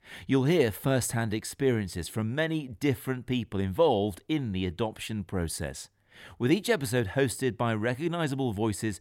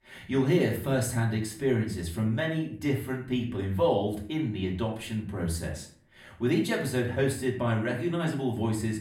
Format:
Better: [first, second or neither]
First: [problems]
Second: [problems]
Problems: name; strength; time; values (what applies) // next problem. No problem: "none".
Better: first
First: none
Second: room echo; slight; dies away in 0.4 s // off-mic speech; far